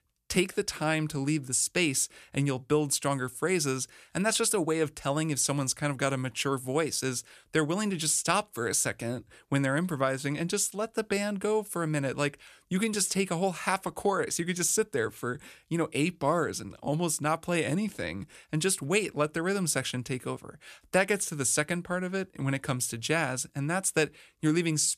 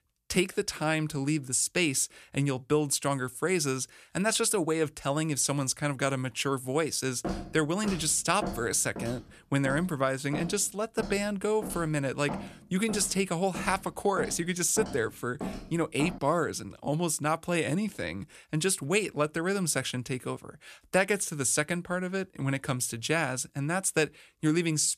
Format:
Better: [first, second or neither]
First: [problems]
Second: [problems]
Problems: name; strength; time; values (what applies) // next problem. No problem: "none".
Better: first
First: none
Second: footsteps; noticeable; from 7 to 16 s; peak 7 dB below the speech